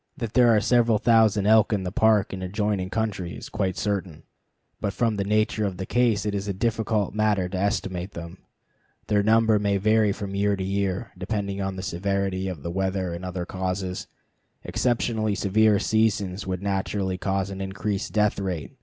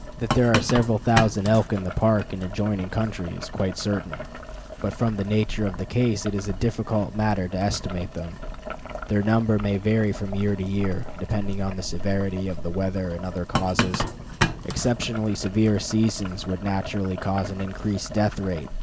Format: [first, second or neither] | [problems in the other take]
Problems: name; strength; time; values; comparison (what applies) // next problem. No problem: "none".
first | background sound (Boiling); 7 dB below the speech